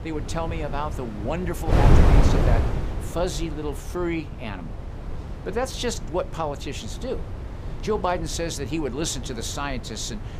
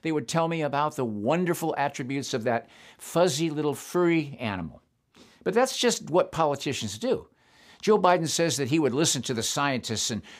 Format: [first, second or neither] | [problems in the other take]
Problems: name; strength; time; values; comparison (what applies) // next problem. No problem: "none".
second | wind noise on the microphone; heavy; 4 dB below the speech